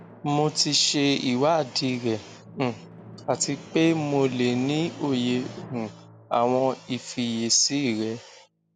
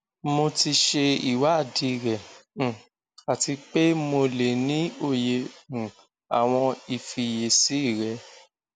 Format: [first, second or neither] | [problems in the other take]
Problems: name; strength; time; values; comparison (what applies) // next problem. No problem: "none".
second | background sound (Drum); 19 dB below the speech